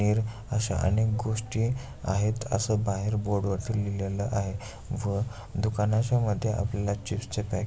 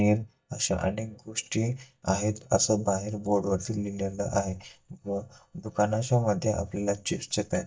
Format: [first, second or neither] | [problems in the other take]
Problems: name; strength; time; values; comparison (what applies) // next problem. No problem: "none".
first | noise reduction (neural mask model DeepFilterNet 3)